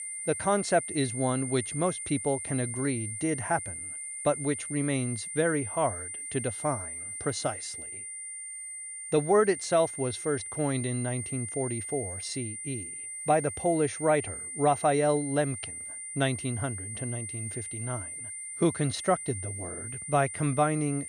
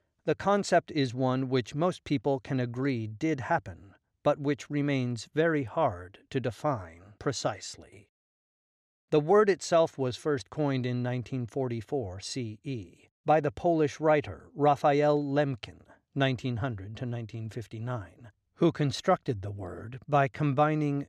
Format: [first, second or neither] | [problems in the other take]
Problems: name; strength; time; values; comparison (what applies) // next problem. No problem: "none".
second | high-pitched whine; loud; throughout; 9 kHz, 6 dB below the speech